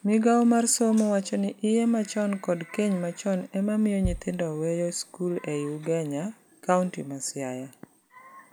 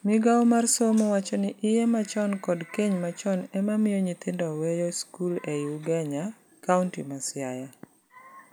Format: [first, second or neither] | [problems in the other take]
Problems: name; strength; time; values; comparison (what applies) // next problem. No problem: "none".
second | background sound (Bass drum); 12 dB below the speech